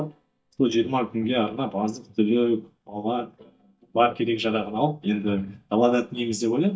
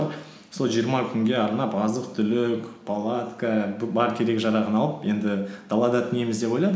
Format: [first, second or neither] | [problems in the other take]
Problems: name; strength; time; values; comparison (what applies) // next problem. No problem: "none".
second | noise reduction (neural mask model DeepFilterNet 3)